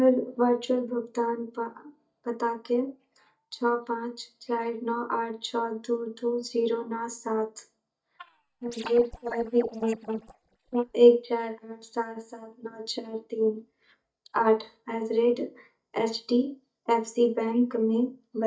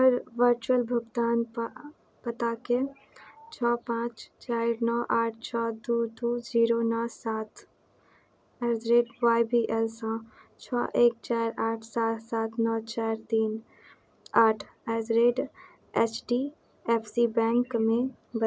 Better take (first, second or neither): second